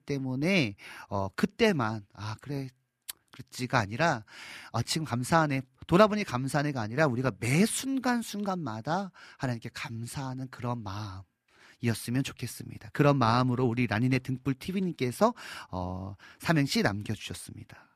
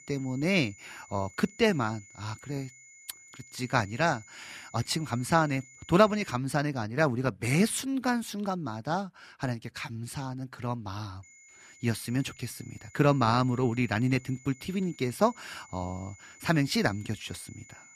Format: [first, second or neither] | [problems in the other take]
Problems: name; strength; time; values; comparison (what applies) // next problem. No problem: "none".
first | high-pitched whine; faint; until 6.5 s and from 11 s on; 2 kHz, 20 dB below the speech